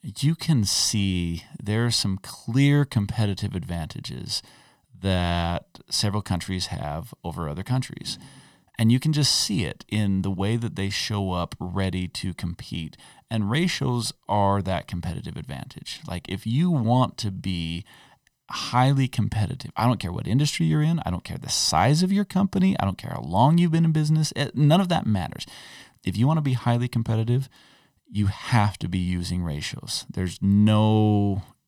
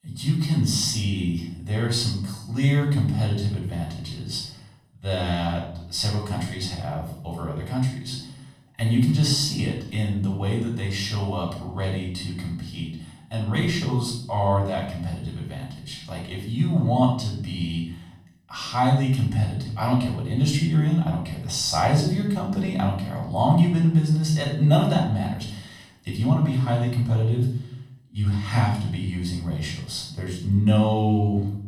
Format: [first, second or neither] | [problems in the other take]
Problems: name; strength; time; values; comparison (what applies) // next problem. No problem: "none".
first | off-mic speech; far // room echo; noticeable; dies away in 0.5 s